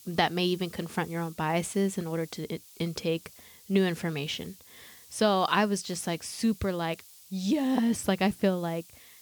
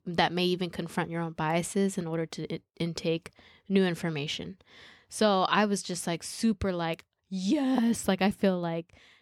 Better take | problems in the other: second | hiss; faint; throughout; 20 dB below the speech

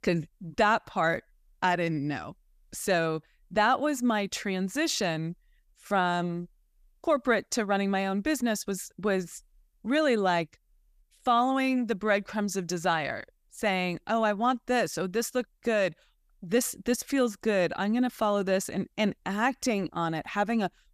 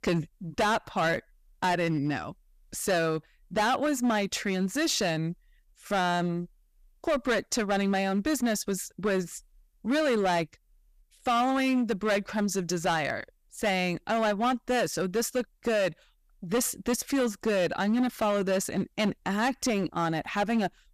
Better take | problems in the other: first | distortion; slight; 10% of the sound clipped

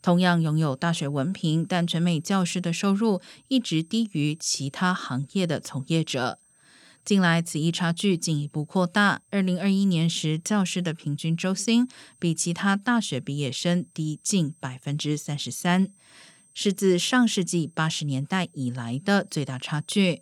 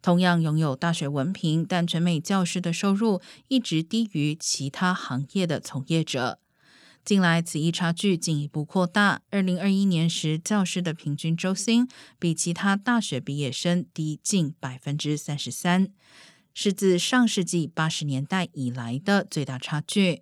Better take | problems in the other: second | high-pitched whine; faint; throughout; 8.5 kHz, 35 dB below the speech

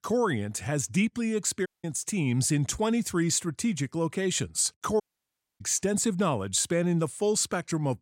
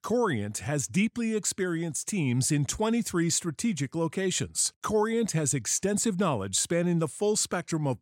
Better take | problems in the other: second | audio cutting out; at 1.5 s and at 5 s for 0.5 s

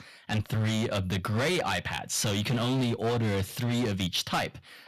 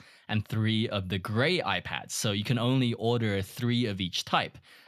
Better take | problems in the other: second | distortion; heavy; 20% of the sound clipped

